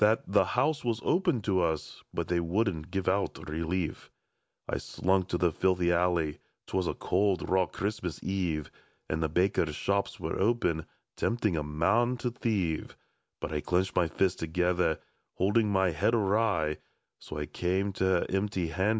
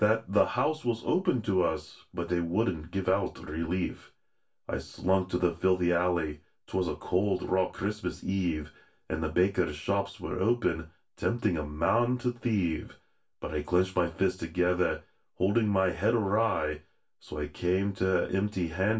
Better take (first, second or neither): first